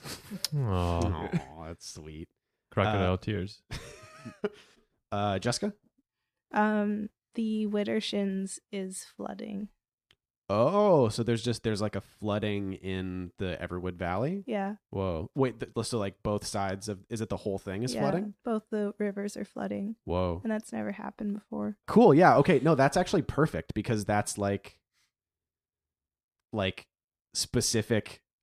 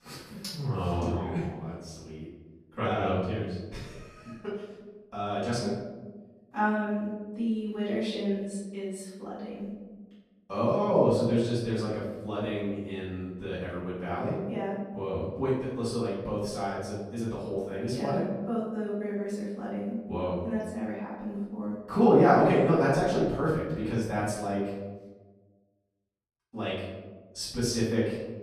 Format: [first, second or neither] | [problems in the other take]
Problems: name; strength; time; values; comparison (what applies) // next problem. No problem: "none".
first | off-mic speech; far // room echo; noticeable; dies away in 1.2 s